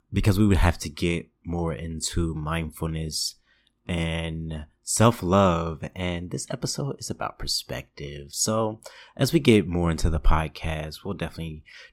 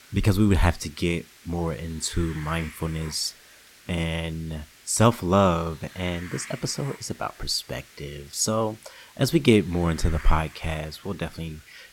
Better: first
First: none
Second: hiss; noticeable; throughout; 20 dB below the speech

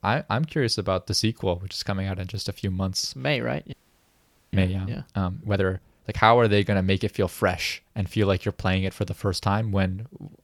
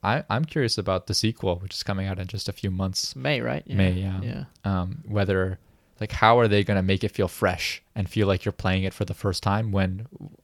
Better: second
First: audio freezing; at 3.5 s for 1 s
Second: none

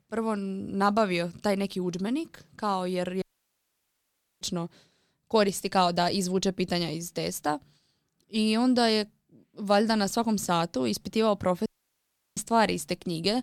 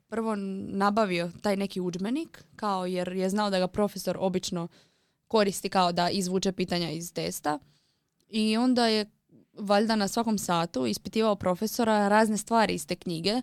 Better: second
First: audio cutting out; at 3 s for 1 s and at 12 s for 0.5 s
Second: none

